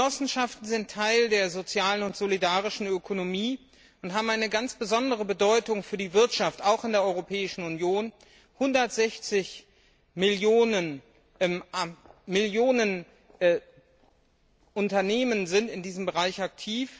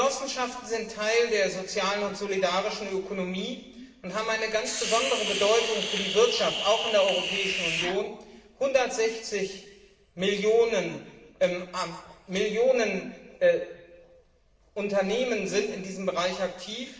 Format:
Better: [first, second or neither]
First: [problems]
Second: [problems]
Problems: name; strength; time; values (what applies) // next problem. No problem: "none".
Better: first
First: none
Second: background sound (Hiss); 3 dB below the speech // room echo; dies away in 1.1 s